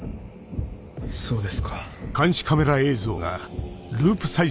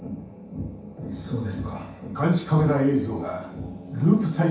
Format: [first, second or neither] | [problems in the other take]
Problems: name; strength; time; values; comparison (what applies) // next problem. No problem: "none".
first | room echo; dies away in 0.7 s